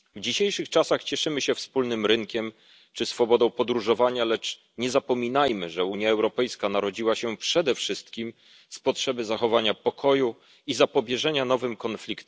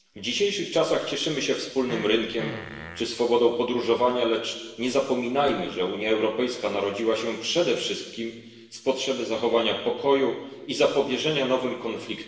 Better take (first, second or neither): first